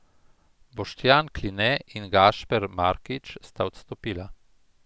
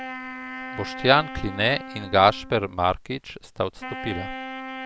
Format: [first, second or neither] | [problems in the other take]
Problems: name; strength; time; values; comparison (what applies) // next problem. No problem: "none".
first | background sound (Wind instrument, woodwind instrument); 11 dB below the speech